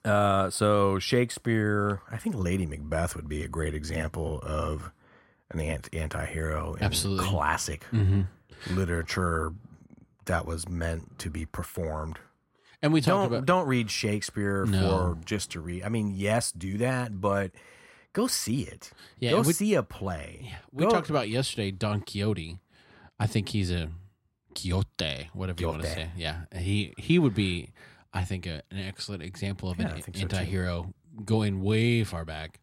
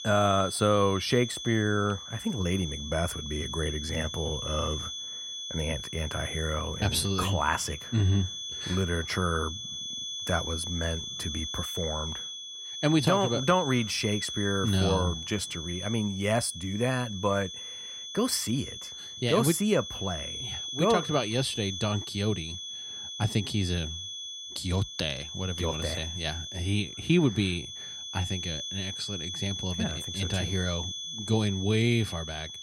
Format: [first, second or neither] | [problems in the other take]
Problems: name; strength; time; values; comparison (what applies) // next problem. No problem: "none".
first | high-pitched whine; loud; throughout; 3.5 kHz, 6 dB below the speech